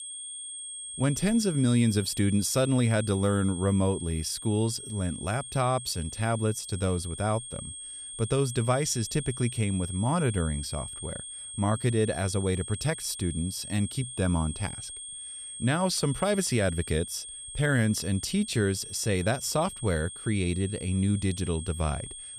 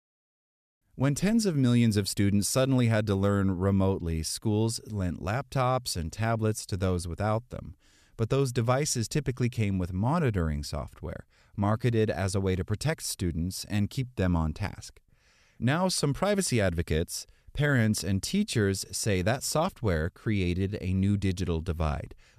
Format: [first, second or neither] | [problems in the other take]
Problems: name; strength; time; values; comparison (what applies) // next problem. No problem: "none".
second | high-pitched whine; loud; throughout; 8.5 kHz, 10 dB below the speech